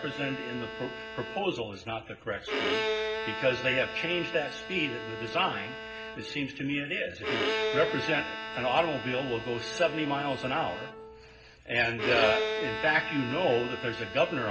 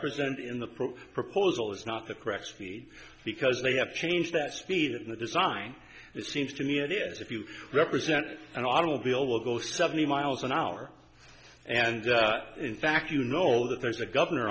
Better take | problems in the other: second | background sound (Bowed string instrument); 5 dB below the speech // room echo; dies away in 0.4 s

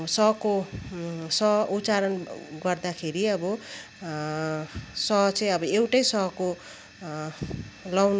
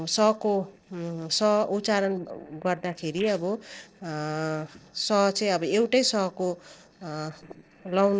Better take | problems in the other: first | noise reduction (neural separator model SepFormer DNS4)

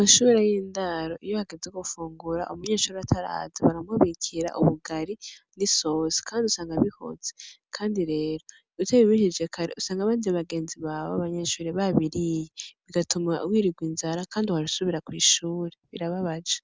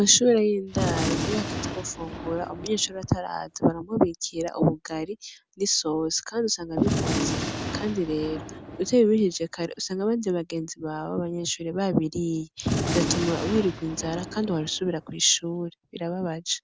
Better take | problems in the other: first | background sound (Gunshot, gunfire); 4 dB below the speech

